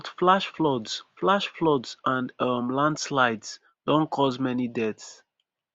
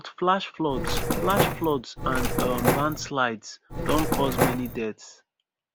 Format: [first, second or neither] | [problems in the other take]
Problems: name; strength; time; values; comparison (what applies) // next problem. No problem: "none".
first | background sound (Mechanisms); 2 dB above the speech